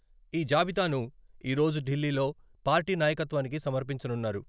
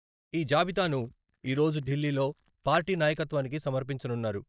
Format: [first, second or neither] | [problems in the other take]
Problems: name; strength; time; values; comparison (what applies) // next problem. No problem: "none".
first | noise reduction (neural mask model DeepFilterNet 3)